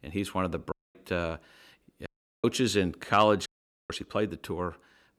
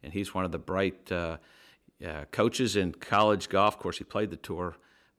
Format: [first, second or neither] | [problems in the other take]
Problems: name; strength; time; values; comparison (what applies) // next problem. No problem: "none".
second | audio cutting out; at 0.5 s, at 2 s and at 3.5 s